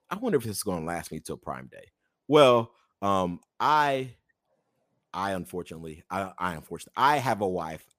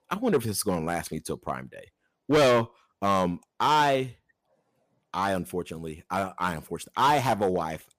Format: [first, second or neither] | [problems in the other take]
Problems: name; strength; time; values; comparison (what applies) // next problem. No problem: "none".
first | distortion; heavy; 4% of the sound clipped